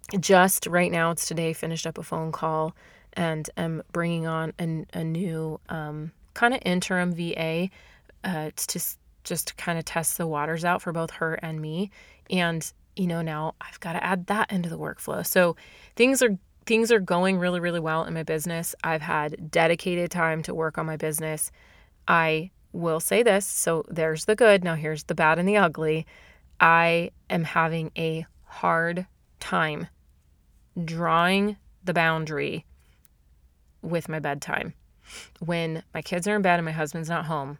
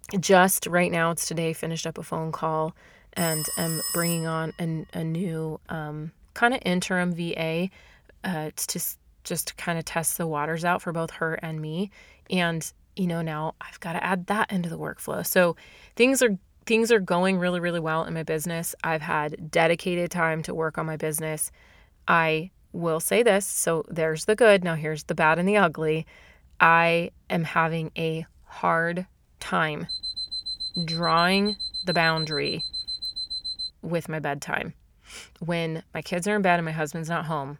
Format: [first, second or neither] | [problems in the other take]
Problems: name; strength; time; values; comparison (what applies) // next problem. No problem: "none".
first | phone ringing; noticeable; from 3 to 4.5 s; peak 2 dB below the speech // alarm; noticeable; from 30 to 34 s; peak 4 dB below the speech